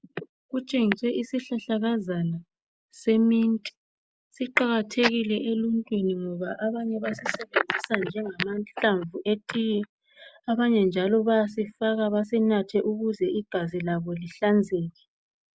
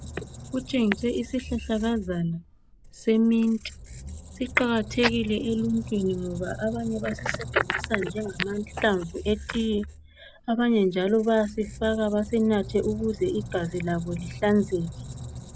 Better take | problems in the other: first | background sound (Squeak); 13 dB below the speech

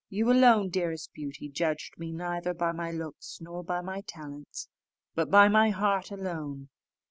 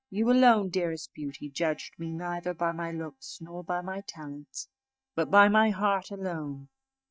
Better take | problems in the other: first | noise reduction (neural mask model DeepFilterNet 3)

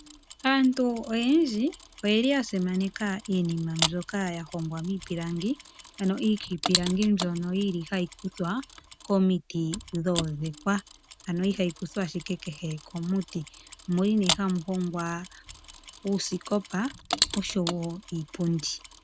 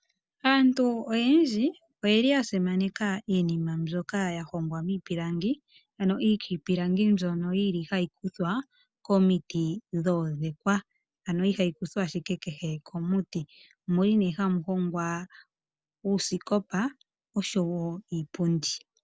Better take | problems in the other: second | background sound (Mechanisms); 9 dB below the speech

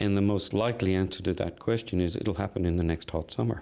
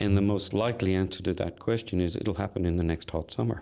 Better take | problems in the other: first | noise reduction (neural separator model SepFormer DNS4)

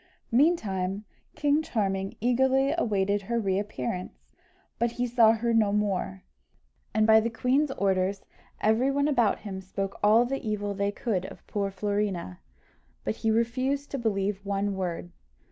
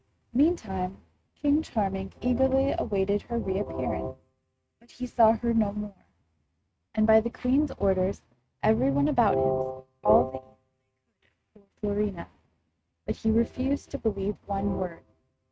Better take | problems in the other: first | noise reduction (neural mask model RNNoise)

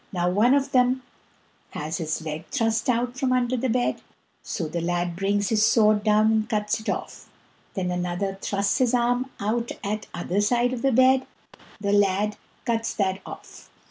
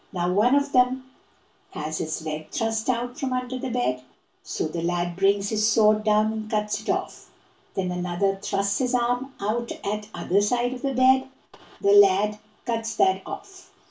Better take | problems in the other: first | room echo; dies away in 0.2 s

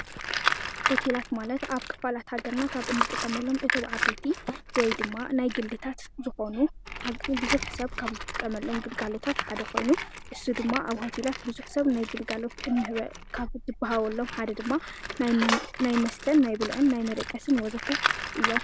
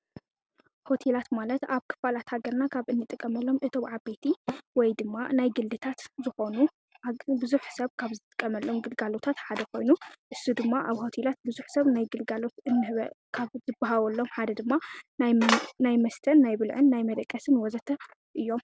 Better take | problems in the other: second | background sound (Tools); 5 dB below the speech

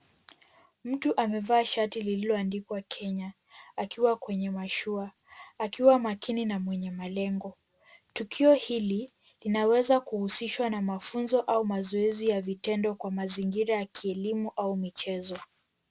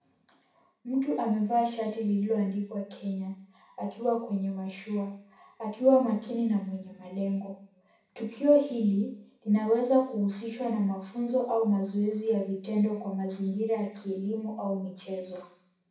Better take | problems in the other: first | room echo; dies away in 0.6 s

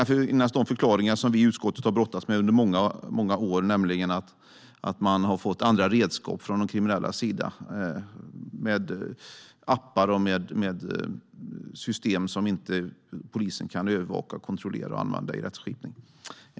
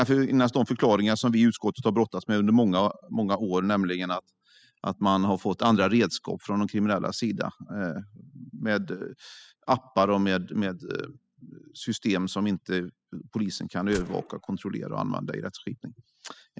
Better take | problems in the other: first | noise reduction (classical method spectral subtraction)

